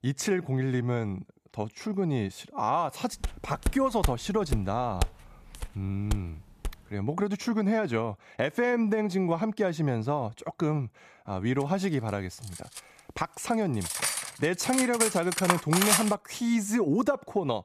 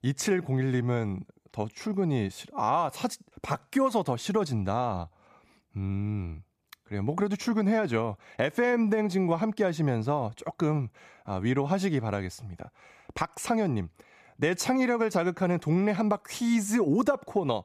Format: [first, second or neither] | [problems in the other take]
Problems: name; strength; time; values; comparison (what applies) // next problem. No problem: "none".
second | footsteps; noticeable; from 3 to 6.5 s; peak 4 dB below the speech // clattering dishes; loud; from 14 to 16 s; peak 6 dB above the speech